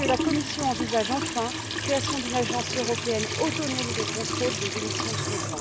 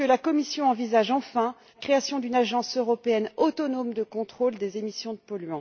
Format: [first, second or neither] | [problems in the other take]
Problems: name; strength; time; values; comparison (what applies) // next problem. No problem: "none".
second | background sound (Trickle, dribble / Sink (filling or washing) / Water tap, faucet); as loud as the speech